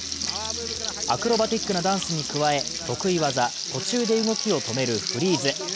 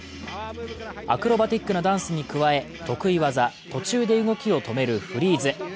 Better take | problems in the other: second | background sound (Frying (food)); 5 dB below the speech

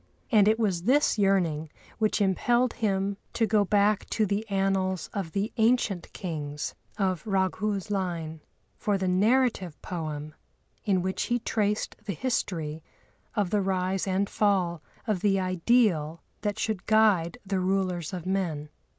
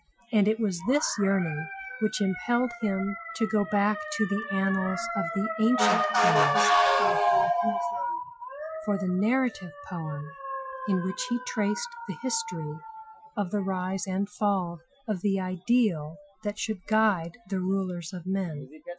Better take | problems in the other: first | noise reduction (classical method Wiener filter)

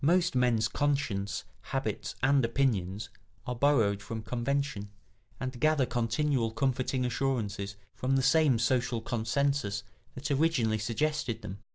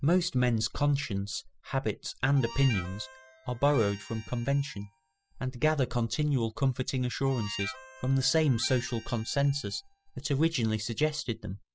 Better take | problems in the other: first | noise reduction (classical method spectral subtraction)

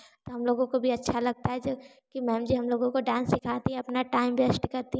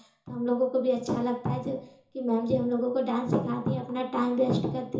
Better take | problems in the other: first | room echo; dies away in 0.7 s

